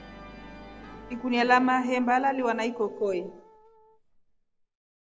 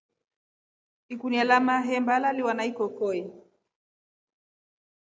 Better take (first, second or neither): second